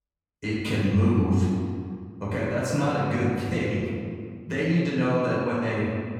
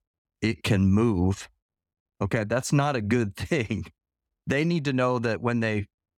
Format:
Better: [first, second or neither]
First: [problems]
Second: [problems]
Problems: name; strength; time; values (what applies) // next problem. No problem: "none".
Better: second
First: off-mic speech; far // room echo; strong; dies away in 2 s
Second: none